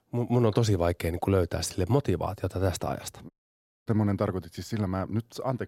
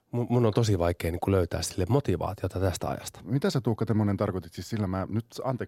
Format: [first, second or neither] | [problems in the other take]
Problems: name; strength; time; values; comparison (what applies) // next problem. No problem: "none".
second | audio cutting out; at 3.5 s for 0.5 s